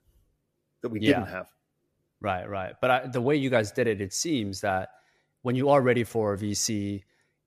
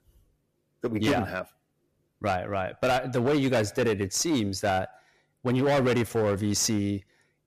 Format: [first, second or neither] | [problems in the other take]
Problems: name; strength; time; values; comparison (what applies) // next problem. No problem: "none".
first | distortion; heavy; 11% of the sound clipped